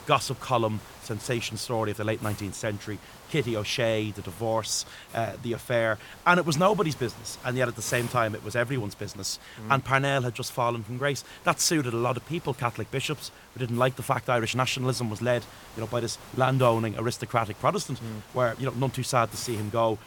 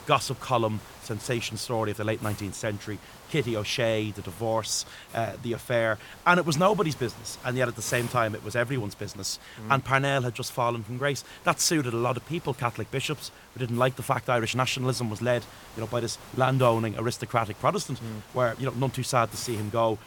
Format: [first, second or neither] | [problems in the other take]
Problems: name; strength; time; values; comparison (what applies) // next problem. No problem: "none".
neither | hiss; noticeable; throughout; 20 dB below the speech; the same in both